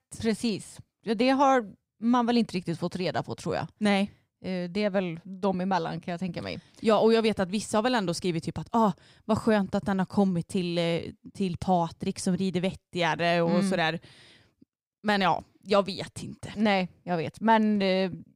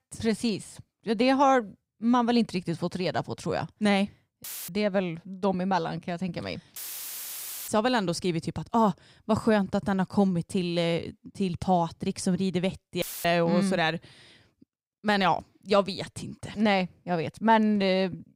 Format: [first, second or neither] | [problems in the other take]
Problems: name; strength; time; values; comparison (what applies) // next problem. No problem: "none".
first | audio cutting out; filled with static; at 4.5 s, at 7 s for 1 s and at 13 s